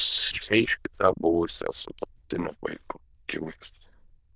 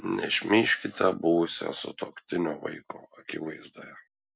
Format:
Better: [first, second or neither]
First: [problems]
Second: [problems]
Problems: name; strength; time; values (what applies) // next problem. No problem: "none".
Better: second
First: noise reduction (neural diffusion model UNIVERSE++)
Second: none